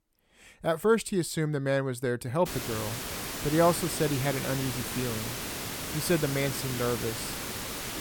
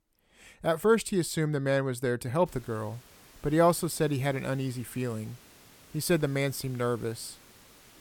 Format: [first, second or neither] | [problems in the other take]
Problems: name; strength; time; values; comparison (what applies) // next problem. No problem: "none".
second | hiss; loud; from 2.5 s on; 4 dB below the speech; faint in the second